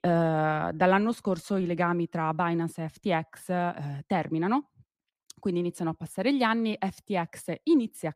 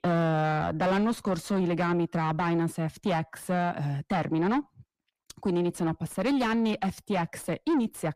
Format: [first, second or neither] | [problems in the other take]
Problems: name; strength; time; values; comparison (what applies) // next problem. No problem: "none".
first | distortion; heavy; 7 dB below the speech